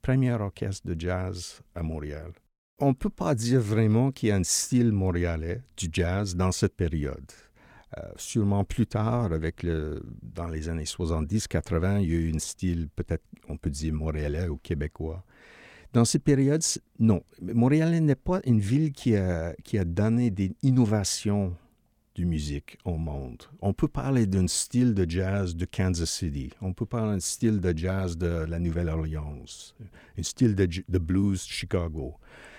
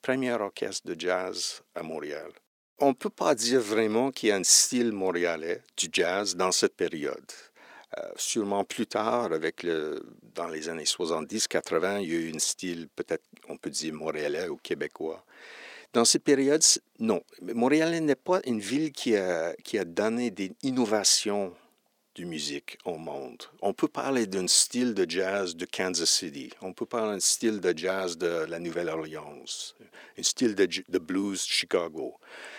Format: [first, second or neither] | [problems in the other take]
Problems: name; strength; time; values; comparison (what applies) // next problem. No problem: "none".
first | thin; somewhat; fading below 350 Hz